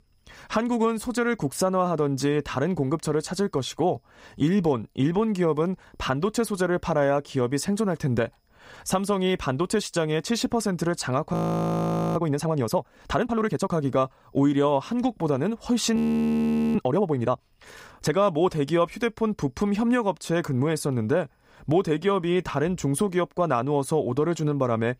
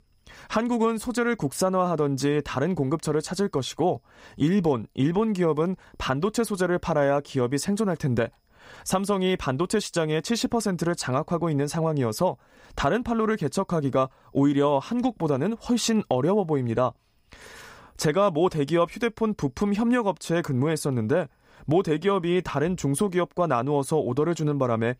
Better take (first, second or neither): second